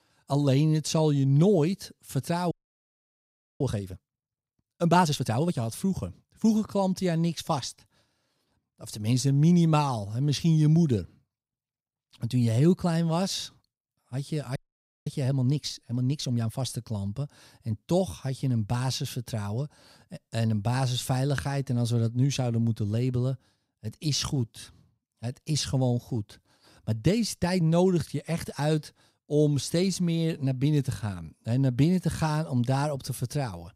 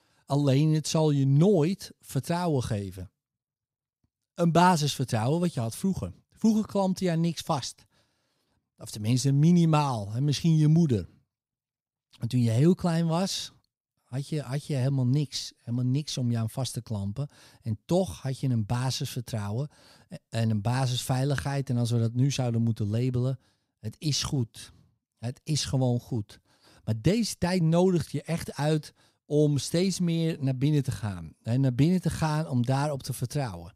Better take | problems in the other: second | audio freezing; at 2.5 s for 1 s and at 15 s for 0.5 s

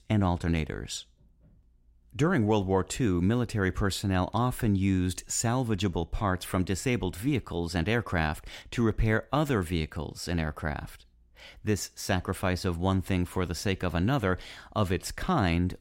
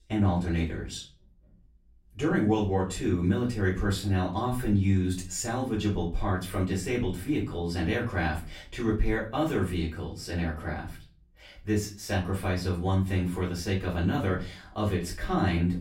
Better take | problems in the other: first | off-mic speech; far // room echo; slight; dies away in 0.3 s

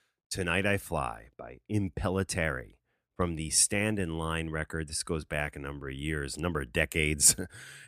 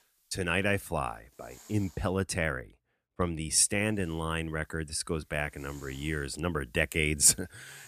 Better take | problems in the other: first | hiss; faint; until 2 s and from 4 s on; 30 dB below the speech

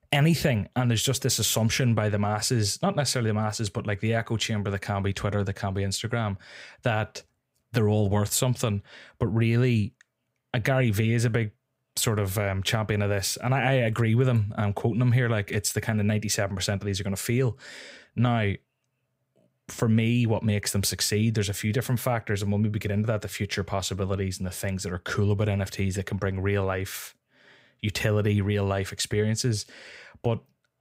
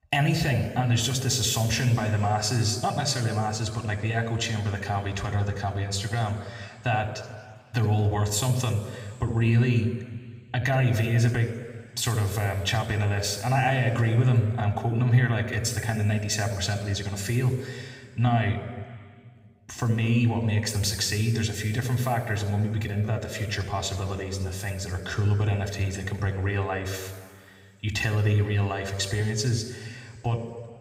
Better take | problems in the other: first | room echo; noticeable; dies away in 1.8 s // off-mic speech; somewhat distant

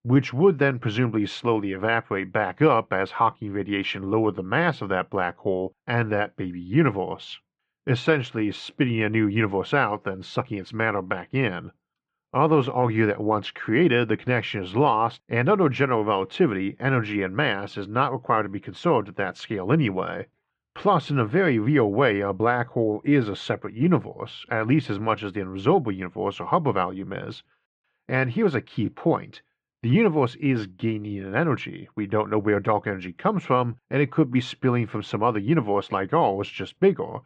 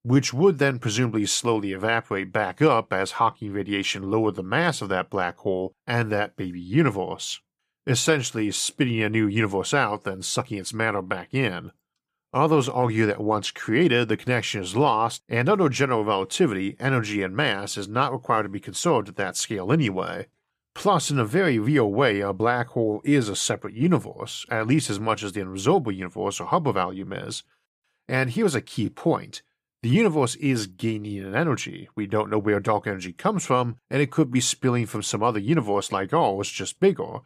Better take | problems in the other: second | muffled; very; fading above 3 kHz

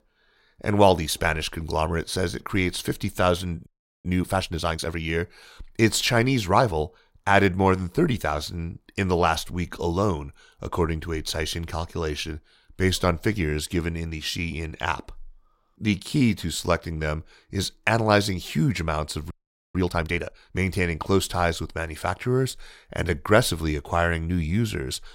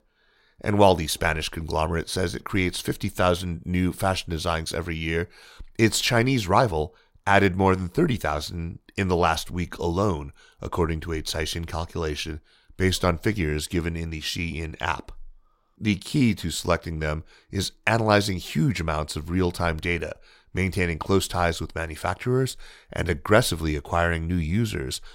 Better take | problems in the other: second | audio freezing; at 3.5 s and at 19 s

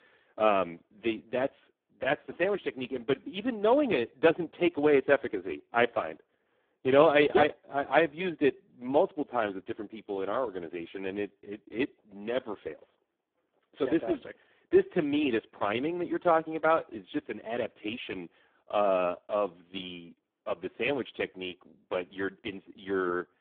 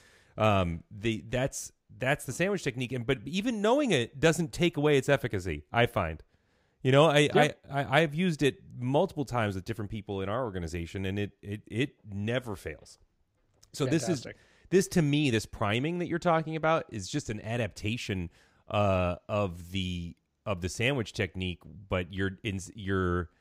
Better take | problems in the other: second | phone-call audio; poor line

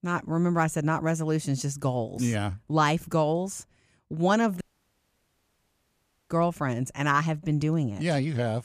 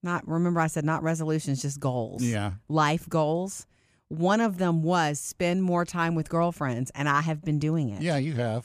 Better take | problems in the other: second | audio cutting out; at 4.5 s for 1.5 s

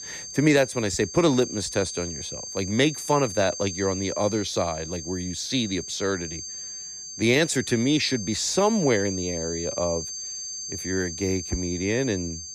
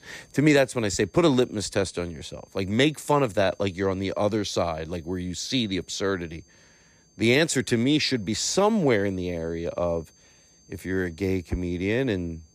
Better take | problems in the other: second | high-pitched whine; loud; throughout; 6.5 kHz, 8 dB below the speech; faint in the second

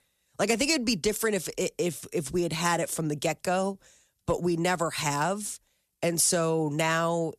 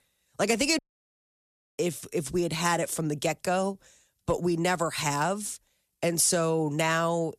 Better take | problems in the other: first | audio cutting out; at 1 s for 1 s

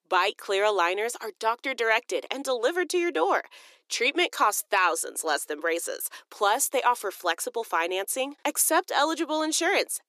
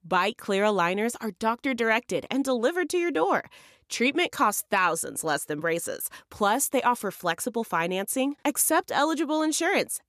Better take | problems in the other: second | thin; somewhat; fading below 350 Hz

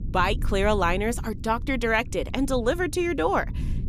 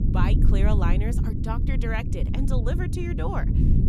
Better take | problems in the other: first | low rumble; loud; throughout; 4 dB below the speech; faint in the first

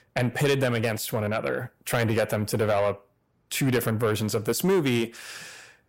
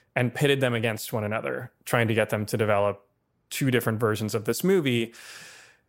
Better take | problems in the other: second | distortion; slight; 10 dB below the speech

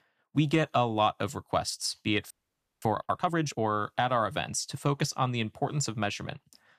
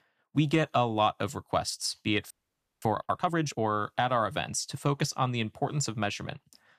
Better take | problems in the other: neither | audio freezing; at 2.5 s for 0.5 s; the same in both

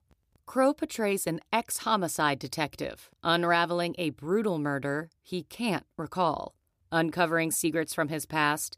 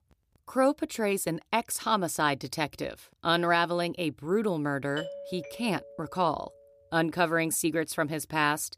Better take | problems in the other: first | doorbell; faint; from 5 to 6.5 s; peak 10 dB below the speech

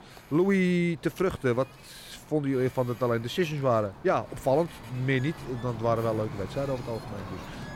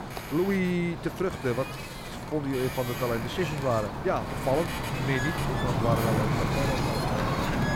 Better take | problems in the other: first | wind noise on the microphone; heavy; 1 dB below the speech; occasional gusts in the first

